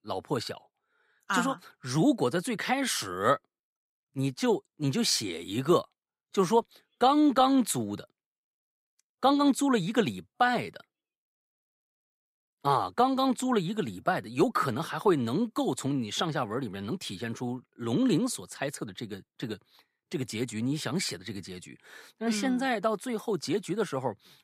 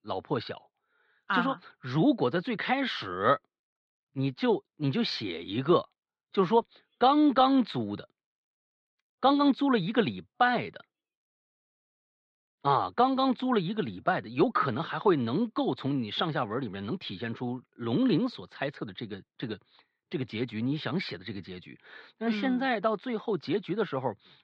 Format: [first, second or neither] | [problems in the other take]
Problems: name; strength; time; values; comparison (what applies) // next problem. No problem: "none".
first | muffled; slightly; fading above 4 kHz